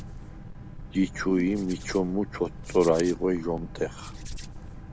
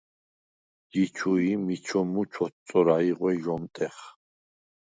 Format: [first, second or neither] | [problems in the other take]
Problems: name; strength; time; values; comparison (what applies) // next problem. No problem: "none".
second | background sound (Hands + Boat, Water vehicle); 11 dB below the speech